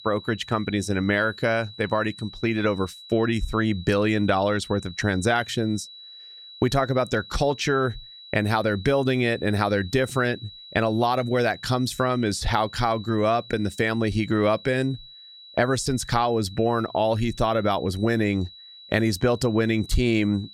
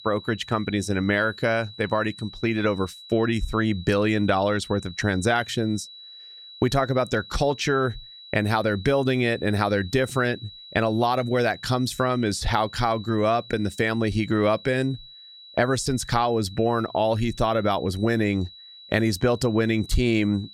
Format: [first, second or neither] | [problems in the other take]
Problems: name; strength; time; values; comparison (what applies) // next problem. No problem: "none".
neither | high-pitched whine; noticeable; throughout; 4 kHz, 20 dB below the speech; the same in both